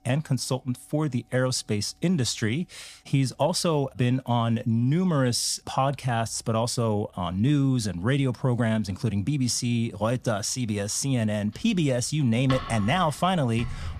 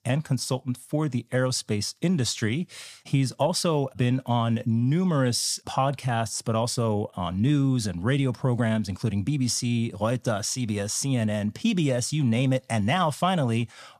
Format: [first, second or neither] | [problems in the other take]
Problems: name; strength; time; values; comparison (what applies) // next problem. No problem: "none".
second | household noises; noticeable; throughout; 15 dB below the speech